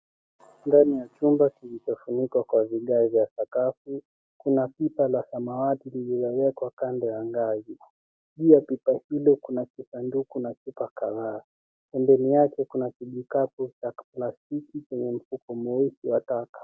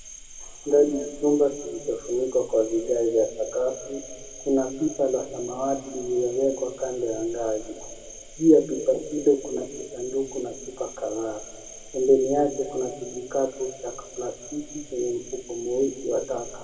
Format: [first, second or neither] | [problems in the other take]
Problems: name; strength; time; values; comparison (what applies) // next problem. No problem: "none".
first | background sound (Cricket); 16 dB below the speech // room echo; dies away in 1.9 s